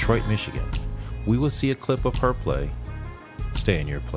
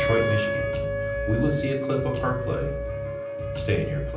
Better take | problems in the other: first | background sound (Wind instrument, woodwind instrument); 2 dB below the speech // room echo; dies away in 0.6 s

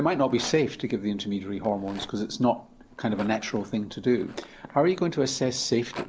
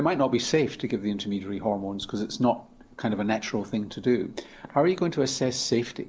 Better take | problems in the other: second | background sound (Rattle); 20 dB below the speech

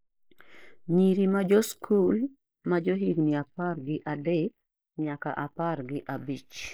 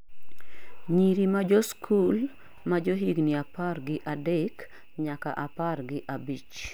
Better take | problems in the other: second | noise reduction (neural mask model Resemble Enhance denoiser)

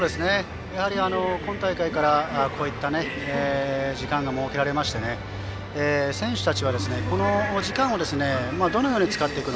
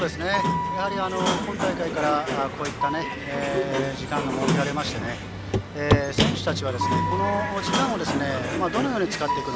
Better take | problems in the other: first | background sound (Sliding door + Walk, footsteps / Run / Wood); as loud as the speech

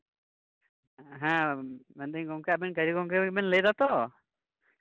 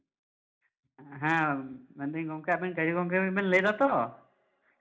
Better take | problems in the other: first | room echo; dies away in 0.4 s

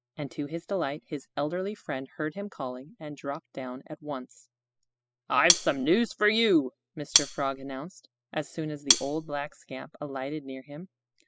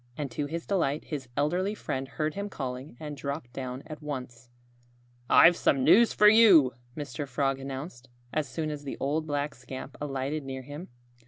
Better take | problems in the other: second | noise reduction (classical method spectral subtraction)

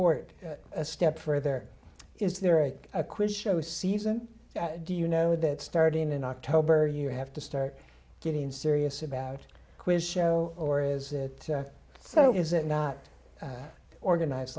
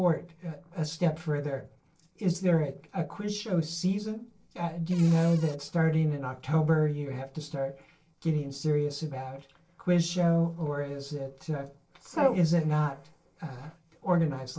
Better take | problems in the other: first | noise reduction (neural separator model SepFormer DNS4)

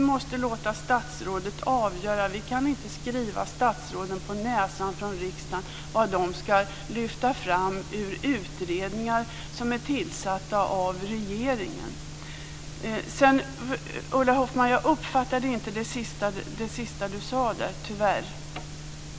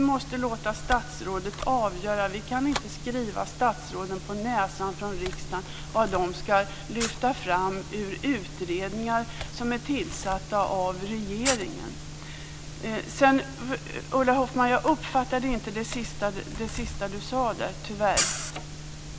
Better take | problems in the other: first | background sound (Camera); 11 dB below the speech

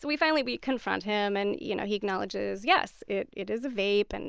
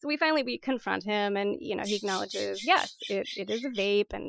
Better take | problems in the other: first | noise reduction (classical method Wiener filter)

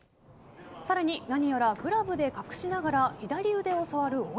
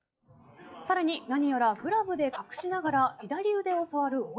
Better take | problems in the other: first | noise reduction (classical method log-MMSE)

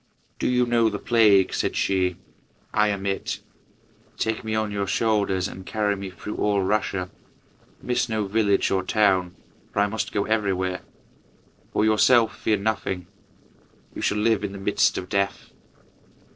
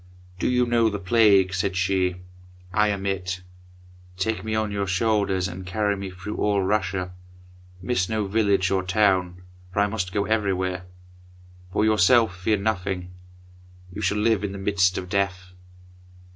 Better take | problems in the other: second | noise reduction (neural separator model SepFormer DNS4)

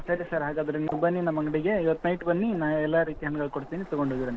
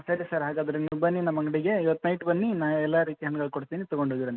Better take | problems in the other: second | background sound (Waves, surf); 16 dB below the speech

